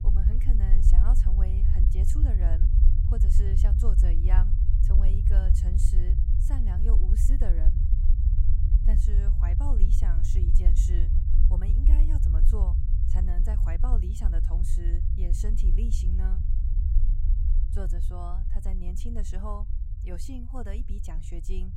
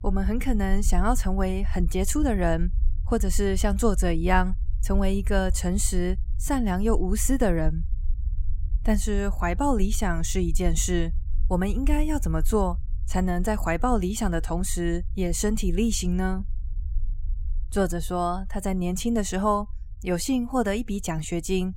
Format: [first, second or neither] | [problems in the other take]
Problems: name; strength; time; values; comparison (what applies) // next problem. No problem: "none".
second | low rumble; loud; throughout; 1 dB below the speech; faint in the second